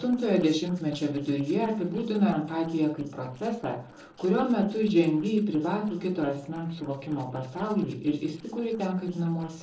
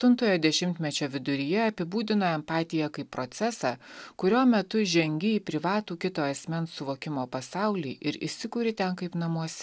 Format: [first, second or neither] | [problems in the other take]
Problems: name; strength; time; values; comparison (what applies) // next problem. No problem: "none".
second | noise reduction (neural separator model SepFormer DNS4)